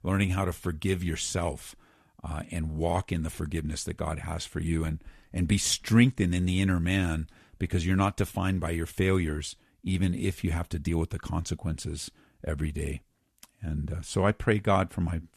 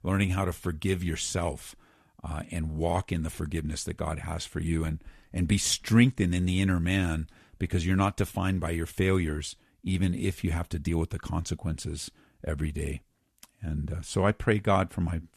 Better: neither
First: none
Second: none

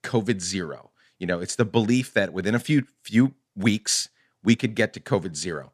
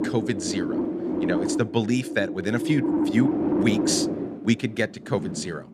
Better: first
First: none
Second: wind noise on the microphone; heavy; 1 dB below the speech

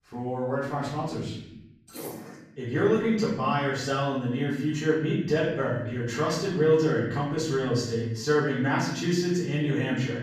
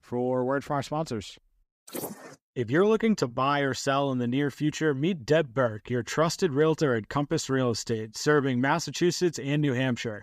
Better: second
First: off-mic speech; far // room echo; noticeable; dies away in 0.9 s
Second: none

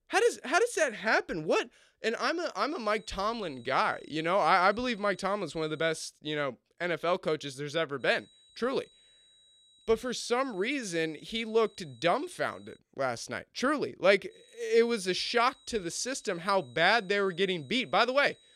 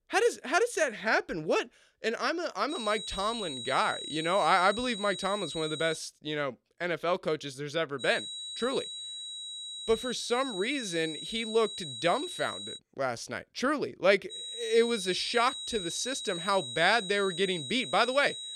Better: first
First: high-pitched whine; faint; from 2.5 to 6 s, from 8 to 13 s and from 14 s on; 4 kHz, 30 dB below the speech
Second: high-pitched whine; loud; from 2.5 to 6 s, from 8 to 13 s and from 14 s on; 4 kHz, 7 dB below the speech

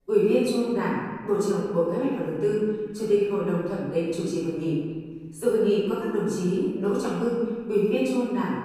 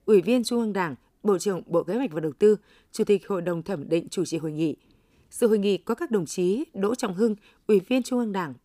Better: second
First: room echo; strong; dies away in 1.7 s // off-mic speech; far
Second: none

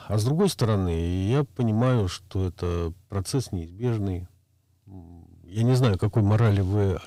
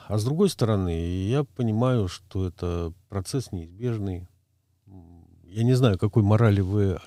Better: second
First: distortion; slight; 10 dB below the speech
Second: none

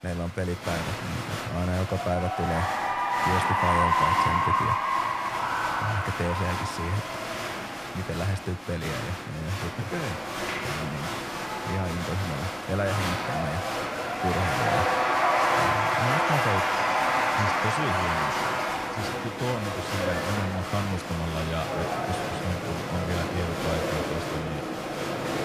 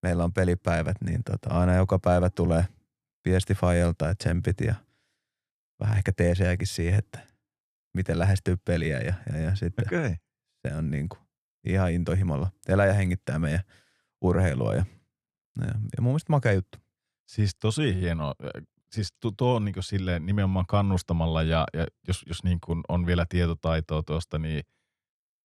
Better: second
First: crowd noise; very loud; throughout; 4 dB above the speech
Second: none

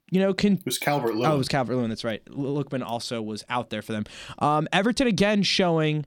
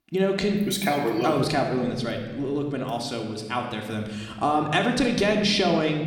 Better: first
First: none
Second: room echo; slight; dies away in 1.2 s // off-mic speech; somewhat distant

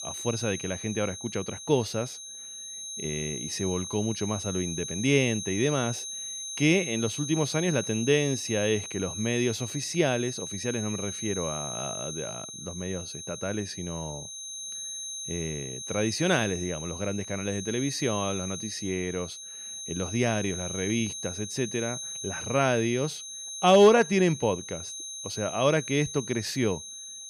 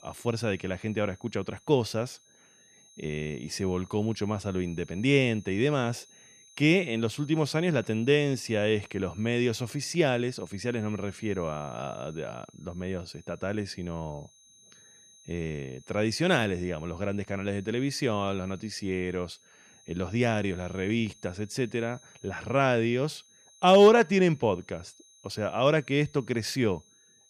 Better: second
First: high-pitched whine; loud; throughout; 6.5 kHz, 7 dB below the speech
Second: high-pitched whine; faint; throughout; 6.5 kHz, 25 dB below the speech

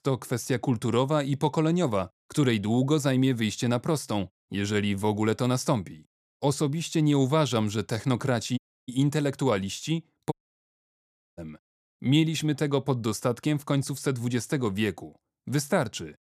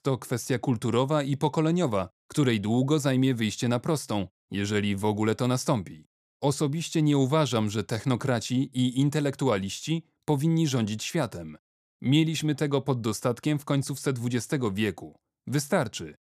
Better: second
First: audio cutting out; at 8.5 s and at 10 s for 1 s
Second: none

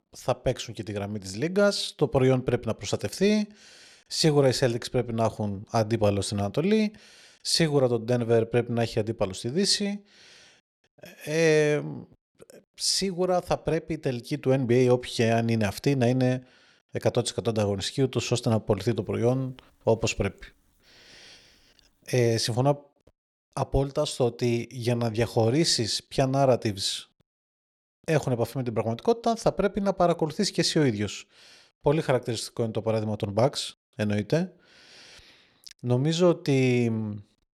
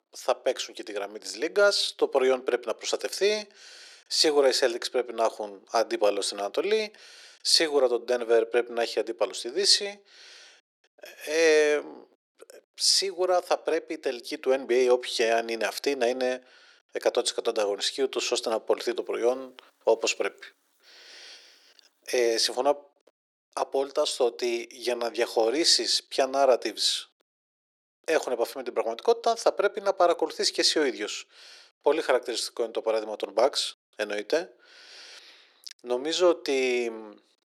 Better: first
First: none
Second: thin; very; fading below 350 Hz

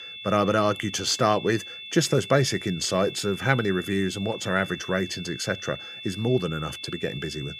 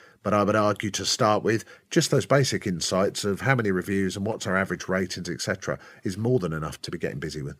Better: second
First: high-pitched whine; noticeable; throughout; 3.5 kHz, 10 dB below the speech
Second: none

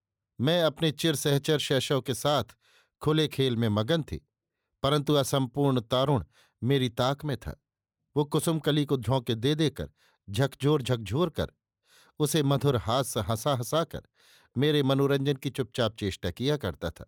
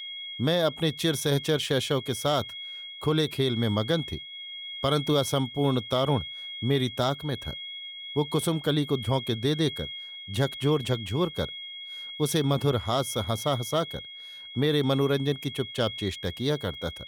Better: first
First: none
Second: high-pitched whine; loud; throughout; 3.5 kHz, 10 dB below the speech

